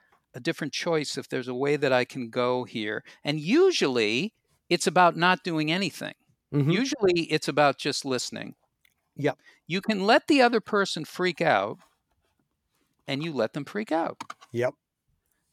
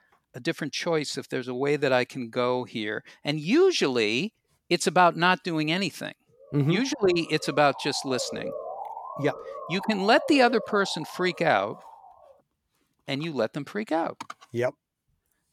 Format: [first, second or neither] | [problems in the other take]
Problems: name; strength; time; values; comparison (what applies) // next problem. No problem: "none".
first | siren; noticeable; from 6.5 to 12 s; peak 10 dB below the speech